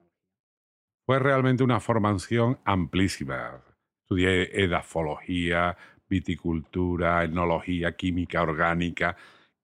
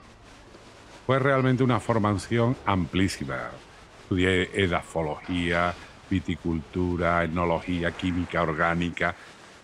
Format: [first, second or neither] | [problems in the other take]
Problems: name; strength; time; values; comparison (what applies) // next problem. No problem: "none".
first | crowd noise; noticeable; throughout; 20 dB below the speech